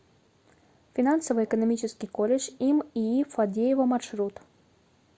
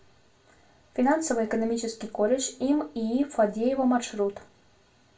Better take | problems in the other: first | room echo; dies away in 0.2 s

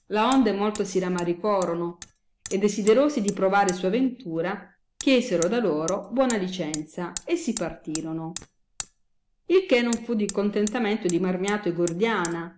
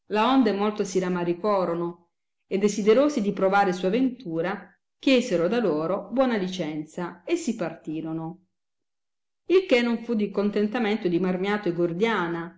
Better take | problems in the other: second | background sound (Hammer); 16 dB below the speech

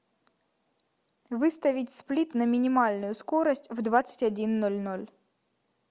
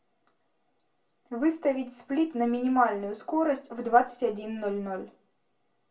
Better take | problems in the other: first | room echo; dies away in 0.3 s

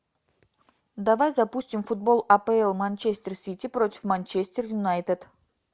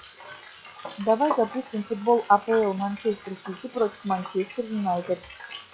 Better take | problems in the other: first | noise reduction (classical method log-MMSE)

